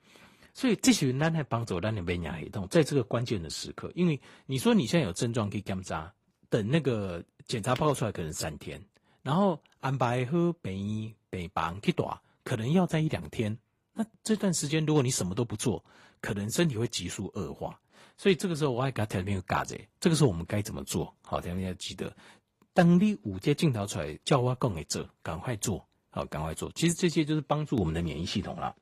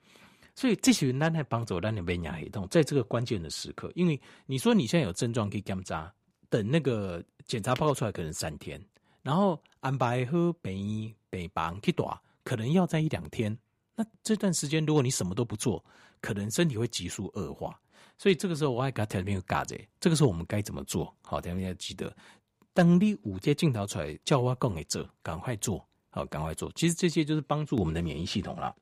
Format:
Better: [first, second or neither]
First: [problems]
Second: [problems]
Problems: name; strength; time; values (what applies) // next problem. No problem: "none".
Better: second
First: garbled, watery; slightly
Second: none